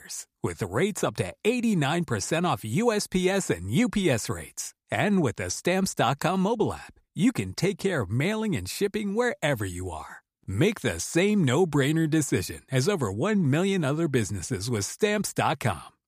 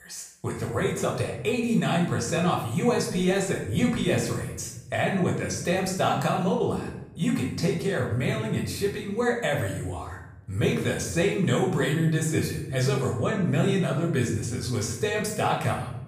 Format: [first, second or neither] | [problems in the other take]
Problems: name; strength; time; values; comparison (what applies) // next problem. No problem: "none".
first | room echo; noticeable; dies away in 0.8 s // off-mic speech; far